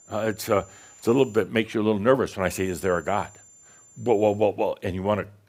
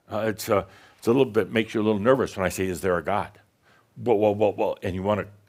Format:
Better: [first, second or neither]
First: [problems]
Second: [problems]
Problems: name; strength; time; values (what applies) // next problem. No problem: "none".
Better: second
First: high-pitched whine; faint; until 1.5 s and from 2.5 to 4.5 s; 7 kHz, 25 dB below the speech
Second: none